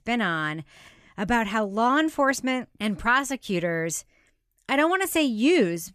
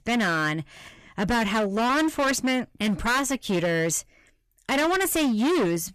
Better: first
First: none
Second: distortion; heavy; 22% of the sound clipped

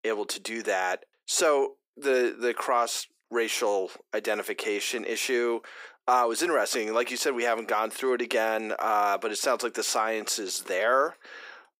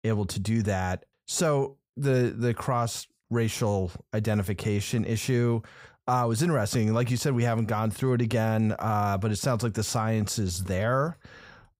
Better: second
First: thin; very; fading below 300 Hz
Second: none

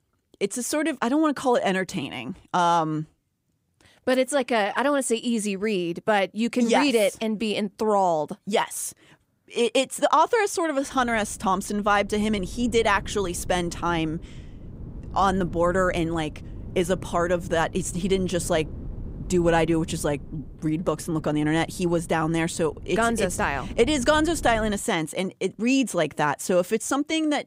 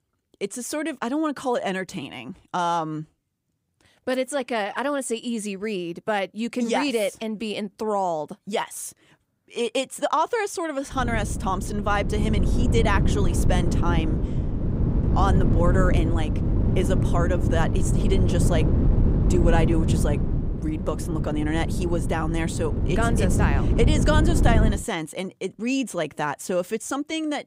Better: first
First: wind noise on the microphone; occasional gusts; from 11 to 25 s; 25 dB below the speech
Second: wind noise on the microphone; heavy; from 11 to 25 s; 6 dB below the speech

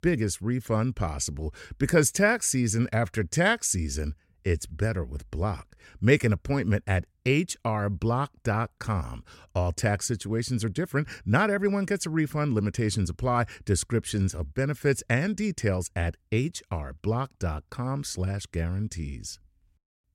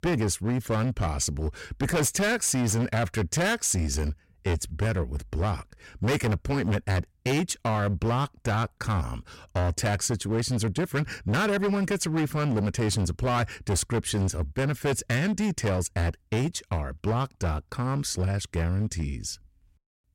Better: first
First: none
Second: distortion; heavy; 18% of the sound clipped

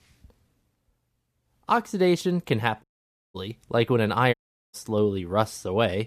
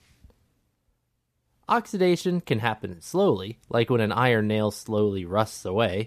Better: second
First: audio cutting out; at 3 s for 0.5 s and at 4.5 s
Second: none

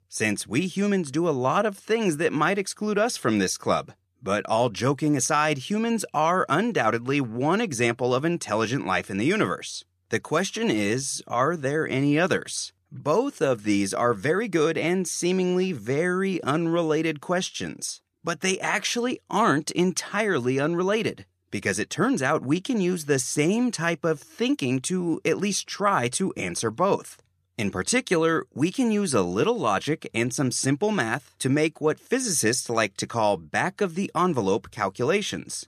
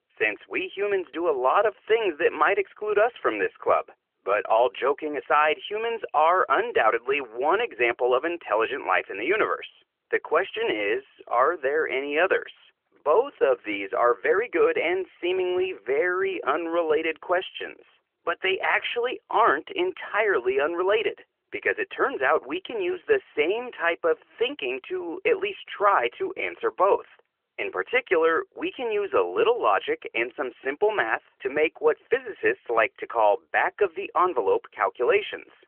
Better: first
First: none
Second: phone-call audio; nothing above 3 kHz

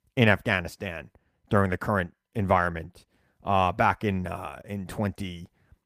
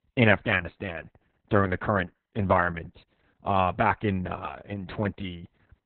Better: first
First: garbled, watery; slightly; nothing above 15 kHz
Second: garbled, watery; badly

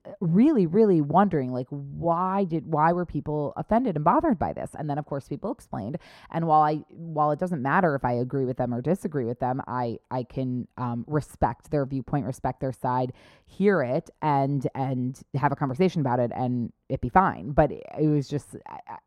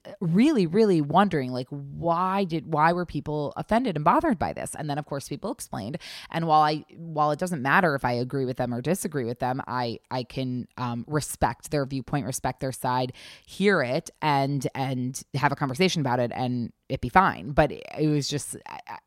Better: second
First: muffled; slightly; fading above 2 kHz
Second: none

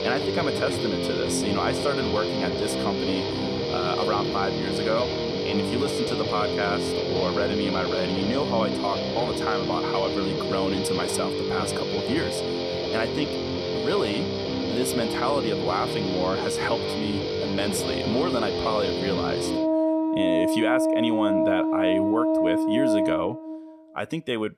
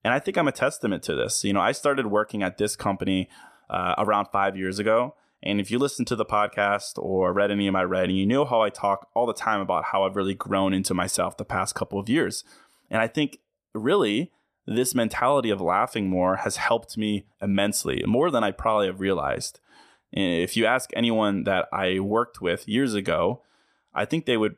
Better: second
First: background music; very loud; throughout; 3 dB above the speech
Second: none

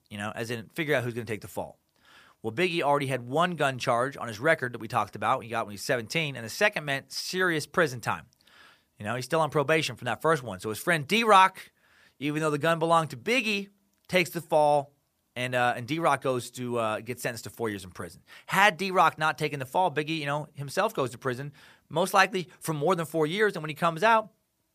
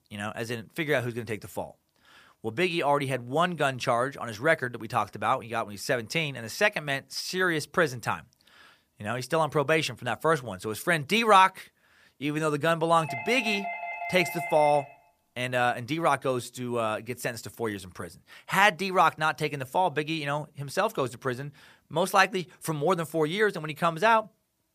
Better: first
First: none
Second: doorbell; noticeable; from 13 to 15 s; peak 6 dB below the speech

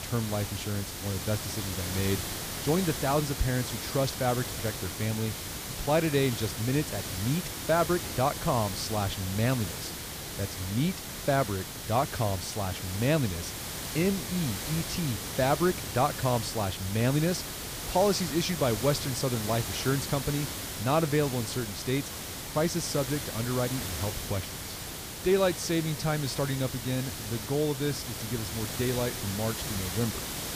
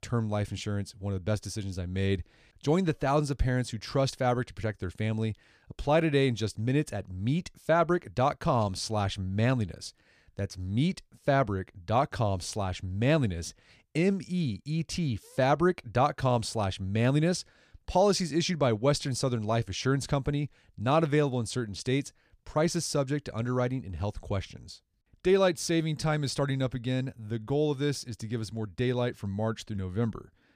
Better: second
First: hiss; loud; throughout; 5 dB below the speech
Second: none

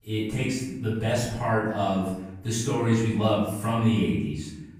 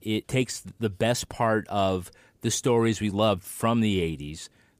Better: second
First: off-mic speech; far // room echo; noticeable; dies away in 1 s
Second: none

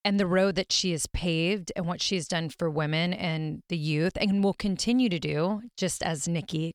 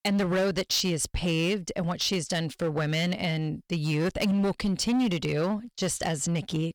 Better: first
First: none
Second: distortion; slight; 12% of the sound clipped

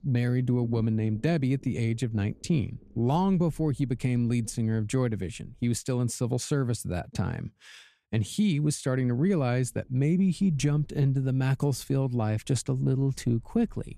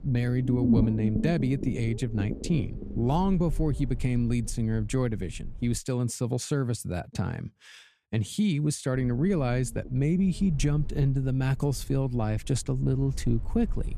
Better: first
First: low rumble; faint; until 6 s and from 9 s on; 20 dB below the speech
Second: low rumble; loud; until 6 s and from 9 s on; 6 dB below the speech

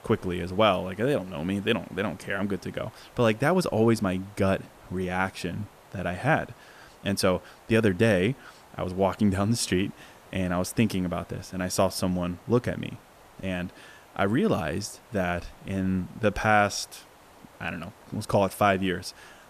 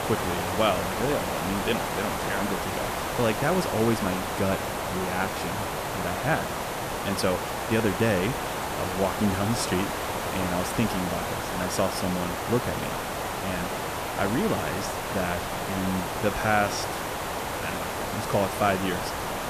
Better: first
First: hiss; faint; throughout; 25 dB below the speech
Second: hiss; loud; throughout; 1 dB below the speech

